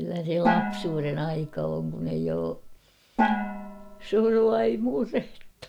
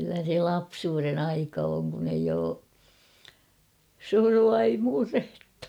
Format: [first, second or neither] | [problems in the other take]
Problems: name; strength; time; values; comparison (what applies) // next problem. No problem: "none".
second | background sound (Gong); 4 dB below the speech